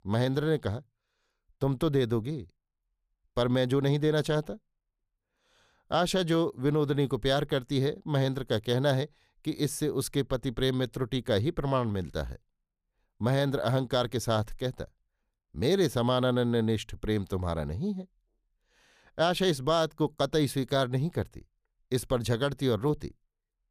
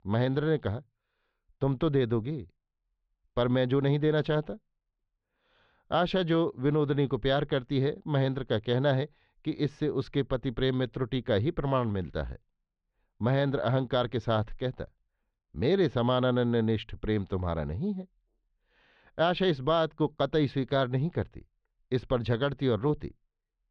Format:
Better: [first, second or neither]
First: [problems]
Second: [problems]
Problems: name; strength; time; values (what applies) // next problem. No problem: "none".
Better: first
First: none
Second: muffled; slightly; fading above 3.5 kHz